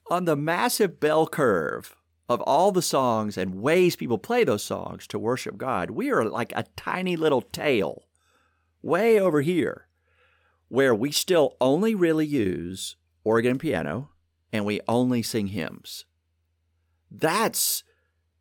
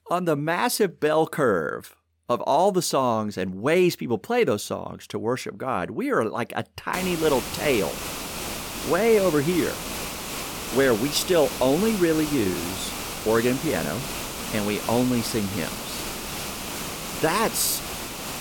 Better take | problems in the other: first | hiss; loud; from 7 s on; 7 dB below the speech

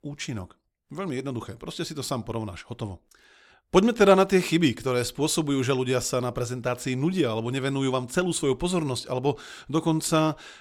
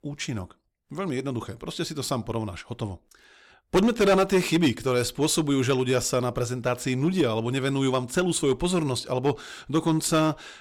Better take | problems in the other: first | distortion; slight; 3% of the sound clipped

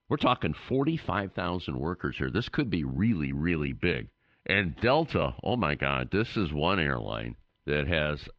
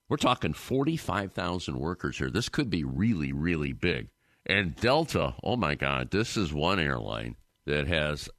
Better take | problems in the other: second | muffled; slightly; fading above 3.5 kHz

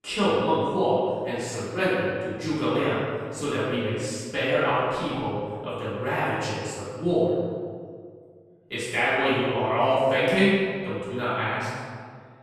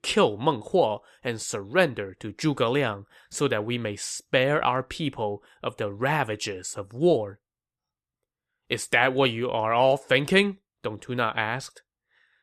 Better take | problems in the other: second | off-mic speech; far // room echo; strong; dies away in 1.6 s

